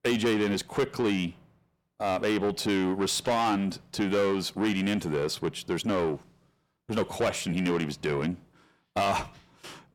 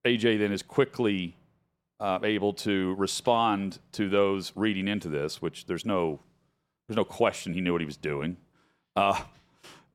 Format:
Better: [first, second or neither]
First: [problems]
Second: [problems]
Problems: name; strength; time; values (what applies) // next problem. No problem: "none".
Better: second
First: distortion; heavy; 8 dB below the speech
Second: none